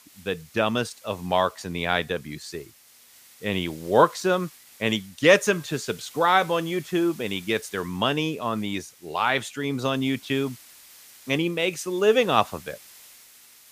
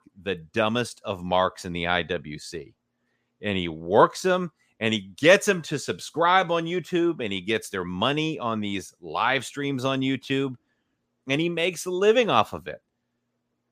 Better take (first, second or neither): second